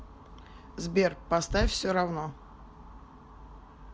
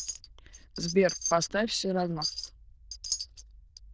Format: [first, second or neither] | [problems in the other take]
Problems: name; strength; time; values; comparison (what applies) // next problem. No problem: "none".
first | noise reduction (neural diffusion model UNIVERSE++)